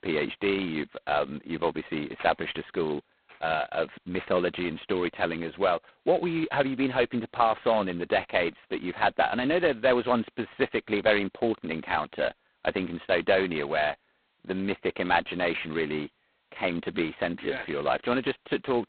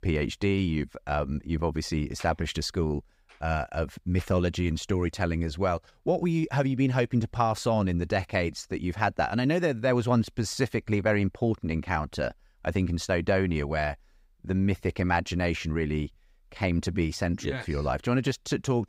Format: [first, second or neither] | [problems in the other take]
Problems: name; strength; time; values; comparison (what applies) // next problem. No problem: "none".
second | phone-call audio; poor line; nothing above 4 kHz